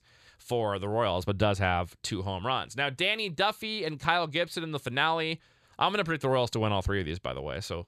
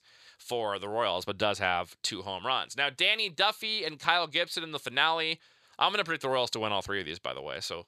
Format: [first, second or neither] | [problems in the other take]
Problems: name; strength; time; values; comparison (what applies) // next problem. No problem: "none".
first | thin; somewhat; fading below 550 Hz